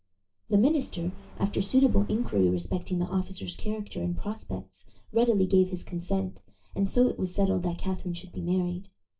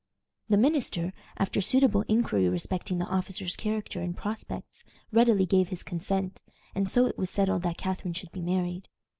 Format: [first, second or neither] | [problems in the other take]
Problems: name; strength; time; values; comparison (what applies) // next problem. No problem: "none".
second | background sound (Bird); 18 dB below the speech // room echo; dies away in 0.2 s